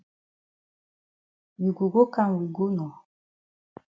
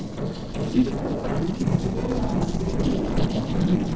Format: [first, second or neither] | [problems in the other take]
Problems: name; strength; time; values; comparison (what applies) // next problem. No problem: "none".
first | noise reduction (neural separator model SepFormer DNS4)